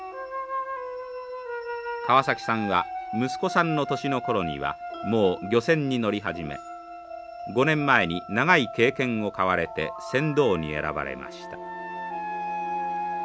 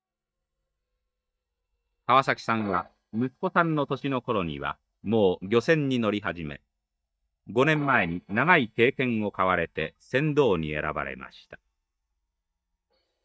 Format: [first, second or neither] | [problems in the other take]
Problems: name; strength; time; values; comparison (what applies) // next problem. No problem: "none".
first | noise reduction (neural mask model DeepFilterNet 3)